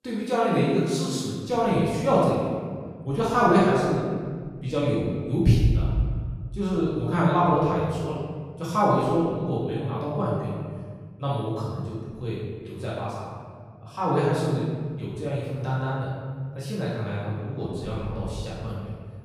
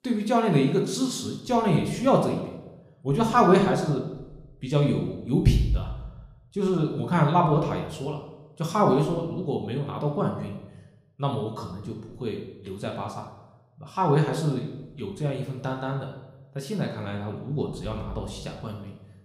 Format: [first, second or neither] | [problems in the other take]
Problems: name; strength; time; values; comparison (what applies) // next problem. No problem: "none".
second | room echo; strong; dies away in 1.7 s; slight in the second // off-mic speech; far; somewhat distant in the second